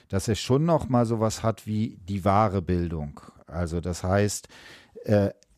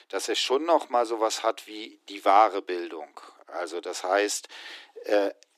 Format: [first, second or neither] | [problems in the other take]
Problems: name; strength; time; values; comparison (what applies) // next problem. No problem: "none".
first | thin; very; fading below 300 Hz